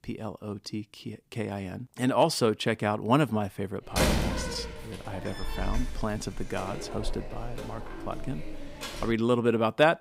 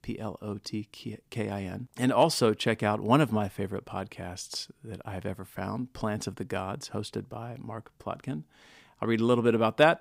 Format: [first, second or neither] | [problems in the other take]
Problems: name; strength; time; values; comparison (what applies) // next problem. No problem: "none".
second | door banging; loud; from 4 to 9 s; peak 4 dB above the speech